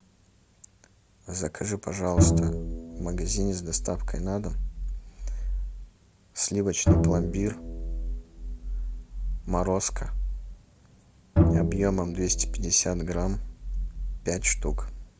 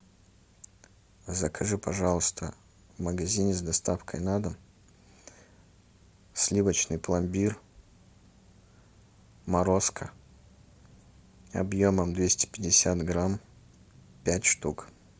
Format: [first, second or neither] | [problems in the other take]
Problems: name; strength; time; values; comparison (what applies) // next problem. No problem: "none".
second | background sound (Bowed string instrument); 4 dB above the speech